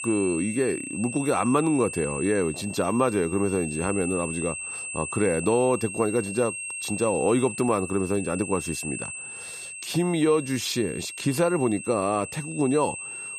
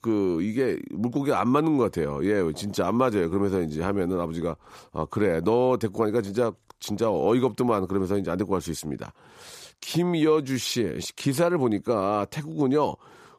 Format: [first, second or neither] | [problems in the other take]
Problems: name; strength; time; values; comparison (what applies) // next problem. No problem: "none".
second | high-pitched whine; loud; throughout; 2.5 kHz, 8 dB below the speech